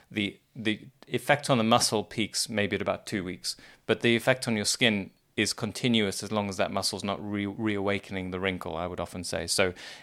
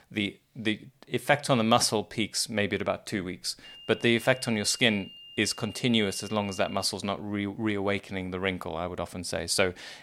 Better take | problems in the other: first | high-pitched whine; noticeable; from 3.5 to 7 s; 3 kHz, 20 dB below the speech

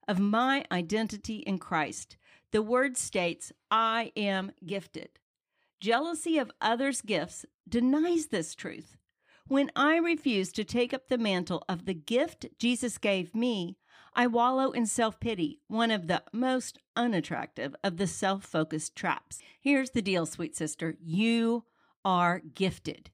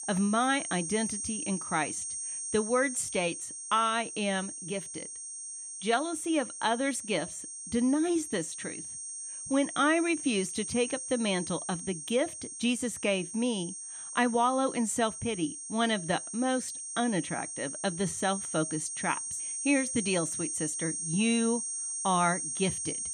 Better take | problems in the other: first | high-pitched whine; loud; throughout; 8.5 kHz, 5 dB below the speech

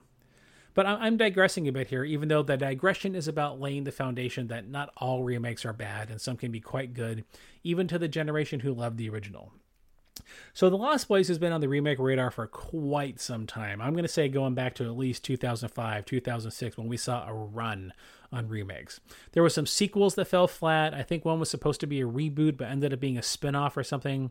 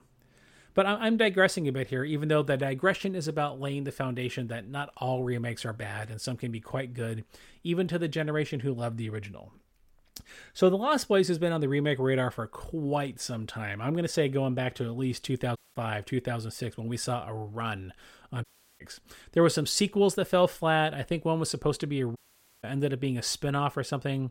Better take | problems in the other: first | audio cutting out; at 16 s, at 18 s and at 22 s

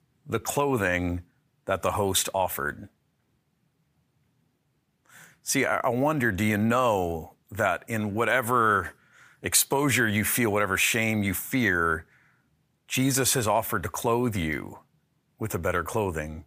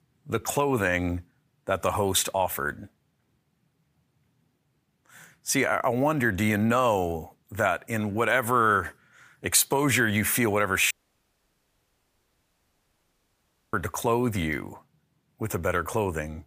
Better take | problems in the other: first | audio cutting out; at 11 s for 3 s

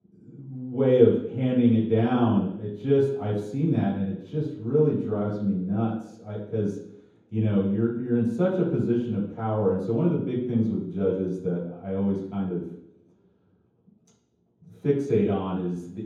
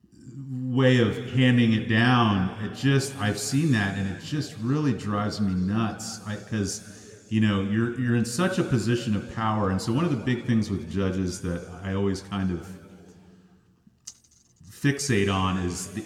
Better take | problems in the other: second | room echo; strong; dies away in 0.9 s; slight in the second // off-mic speech; far

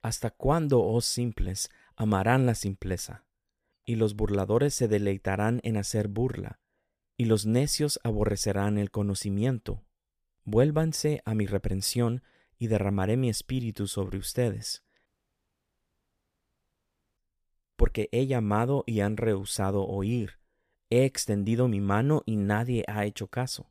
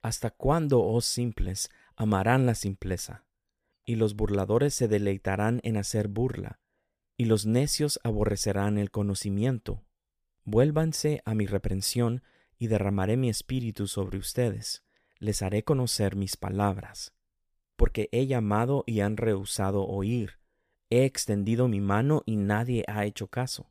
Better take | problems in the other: second | audio cutting out; at 15 s for 2 s

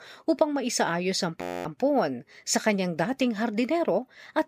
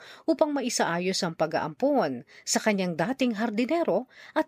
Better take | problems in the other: second | audio freezing; at 1.5 s

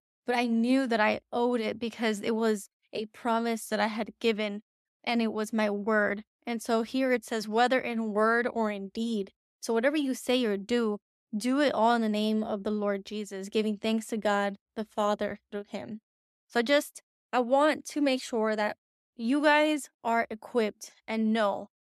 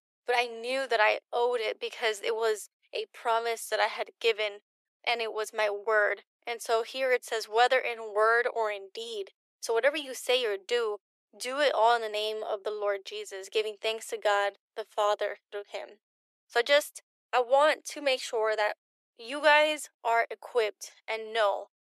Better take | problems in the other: first | thin; very; fading below 400 Hz

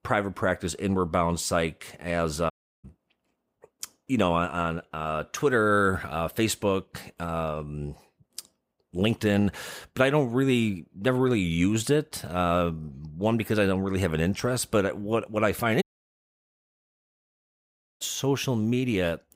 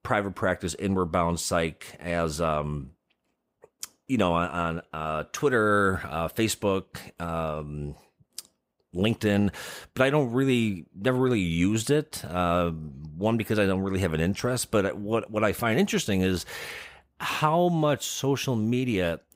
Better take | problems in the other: second | audio cutting out; at 2.5 s and at 16 s for 2 s

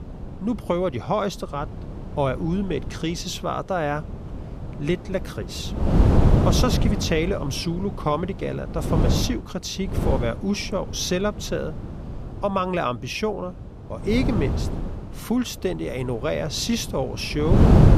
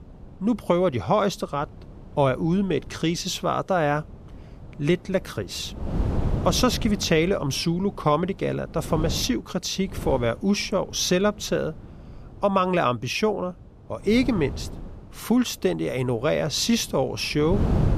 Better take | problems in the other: second | wind noise on the microphone; heavy; 6 dB below the speech; occasional gusts in the second

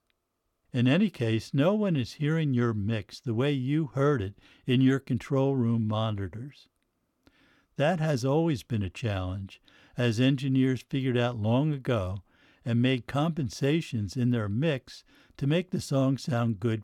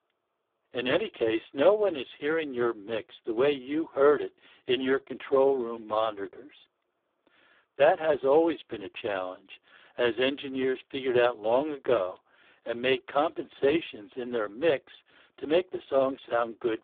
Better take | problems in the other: first | phone-call audio; poor line

